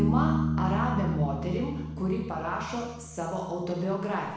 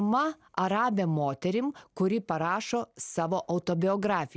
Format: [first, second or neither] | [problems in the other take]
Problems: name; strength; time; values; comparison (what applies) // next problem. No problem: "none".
second | background sound (Bass guitar); as loud as the speech // room echo; dies away in 0.9 s